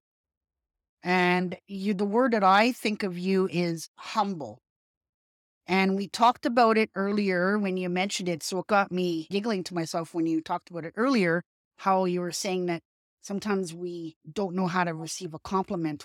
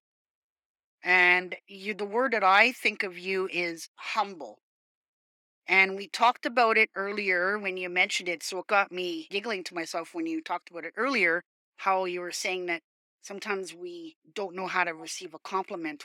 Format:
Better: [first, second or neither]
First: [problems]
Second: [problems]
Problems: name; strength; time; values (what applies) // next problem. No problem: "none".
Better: first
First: none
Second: thin; somewhat; fading below 300 Hz